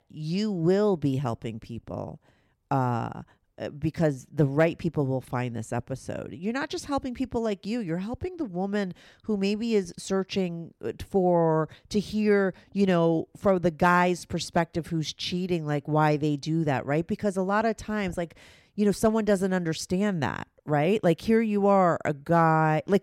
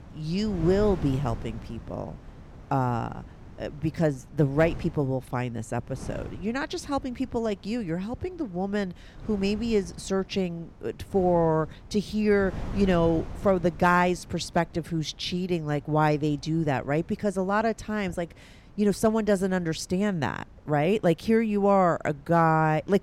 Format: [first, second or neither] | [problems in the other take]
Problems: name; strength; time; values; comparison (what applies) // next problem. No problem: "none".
first | wind noise on the microphone; occasional gusts; 25 dB below the speech